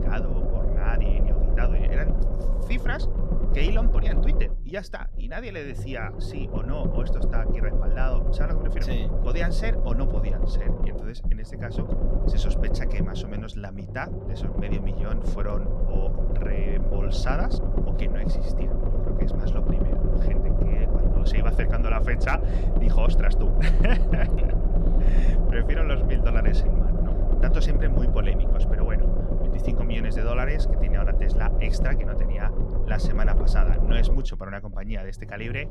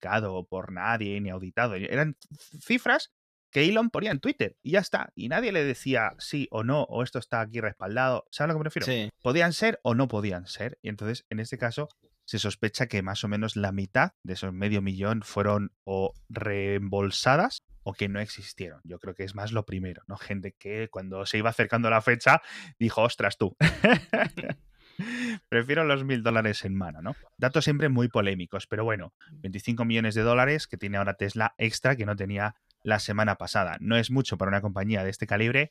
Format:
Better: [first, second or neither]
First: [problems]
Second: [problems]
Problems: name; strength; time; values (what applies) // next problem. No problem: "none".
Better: second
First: low rumble; loud; throughout; 2 dB below the speech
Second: none